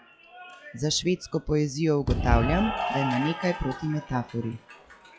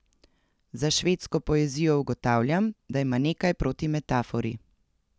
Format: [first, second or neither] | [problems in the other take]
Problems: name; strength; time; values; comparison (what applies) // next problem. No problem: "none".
second | noise reduction (classical method log-MMSE)